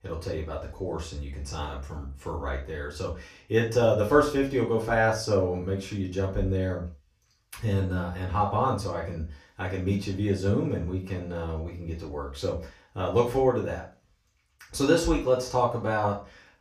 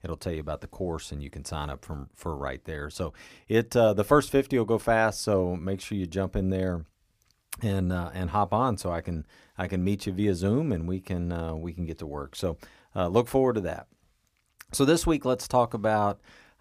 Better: second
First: room echo; noticeable; dies away in 0.3 s // off-mic speech; far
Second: none

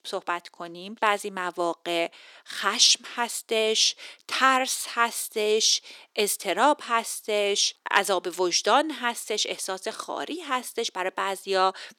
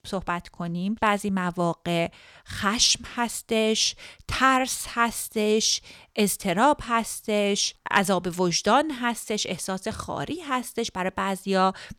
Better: second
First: thin; somewhat; fading below 300 Hz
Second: none

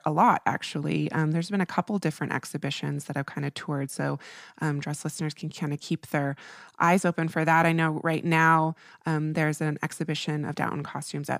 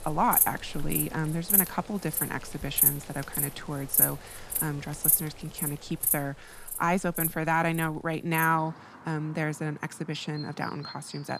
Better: first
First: none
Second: animal sounds; very loud; throughout; 4 dB above the speech

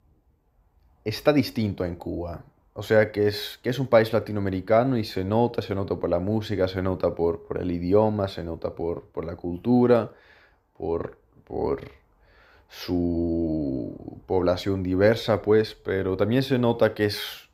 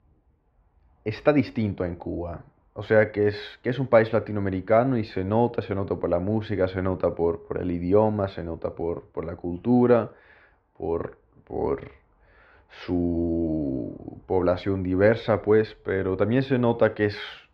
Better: first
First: none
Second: muffled; slightly; fading above 2.5 kHz

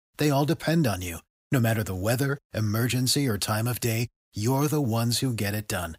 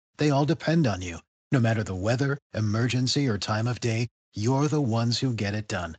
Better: first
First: none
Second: garbled, watery; slightly; nothing above 7.5 kHz

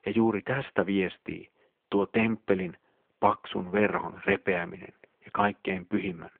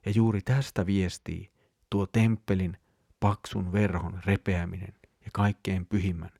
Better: second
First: phone-call audio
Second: none

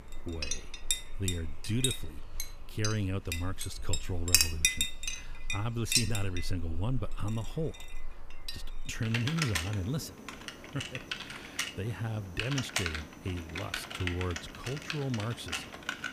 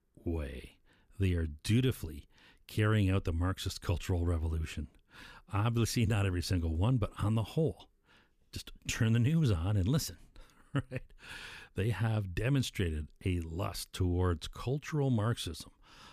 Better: second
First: household noises; very loud; throughout; 2 dB above the speech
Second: none

